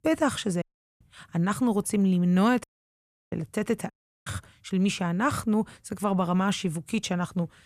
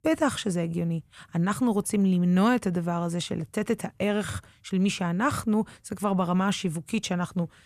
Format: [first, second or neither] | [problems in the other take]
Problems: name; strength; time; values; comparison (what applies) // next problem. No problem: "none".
second | audio cutting out; at 0.5 s, at 2.5 s for 0.5 s and at 4 s